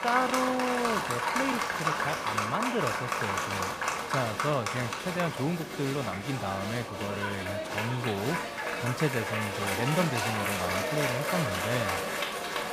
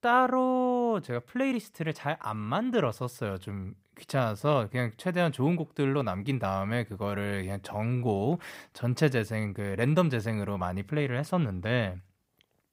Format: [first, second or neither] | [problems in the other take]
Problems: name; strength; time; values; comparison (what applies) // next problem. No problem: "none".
second | crowd noise; very loud; throughout; 2 dB above the speech